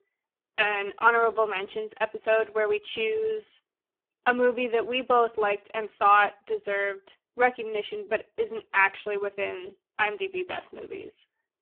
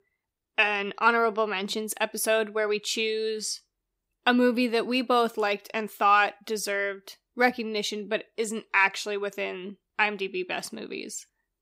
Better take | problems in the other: second | phone-call audio; poor line

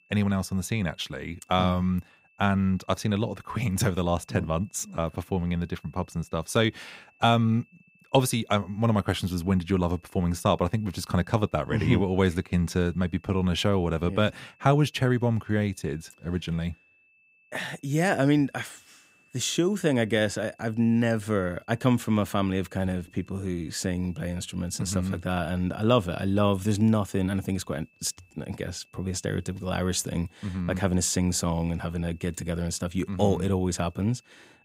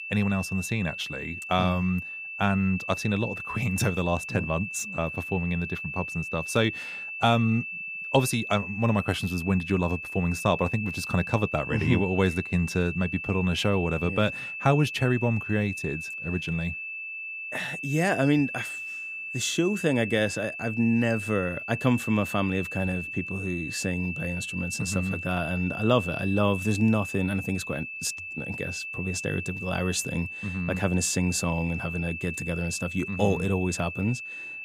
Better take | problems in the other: first | high-pitched whine; loud; throughout; 2.5 kHz, 6 dB below the speech; faint in the first

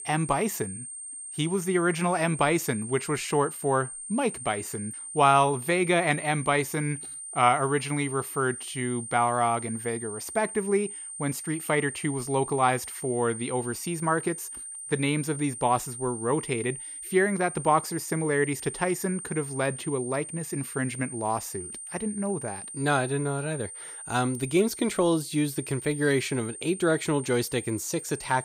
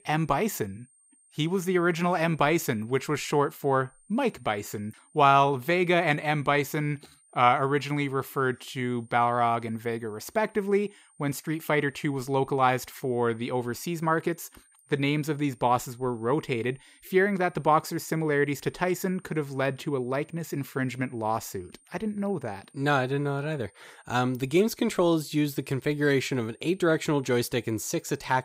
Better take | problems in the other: second | high-pitched whine; loud; throughout; 9 kHz, 9 dB below the speech; faint in the second

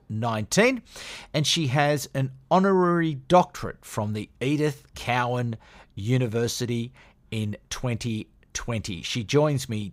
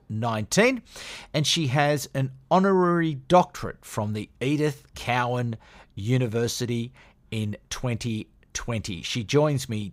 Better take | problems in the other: neither | none

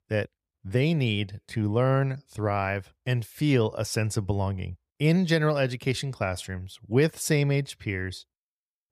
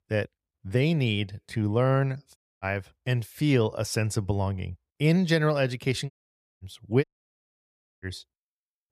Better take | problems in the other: first | audio cutting out; at 2.5 s, at 6 s for 0.5 s and at 7 s for 1 s

